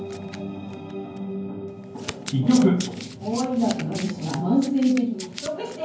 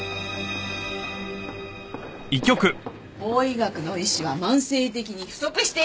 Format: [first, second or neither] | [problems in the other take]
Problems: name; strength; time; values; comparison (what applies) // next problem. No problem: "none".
second | background sound (Domestic sounds, home sounds); 15 dB below the speech // room echo; dies away in 0.9 s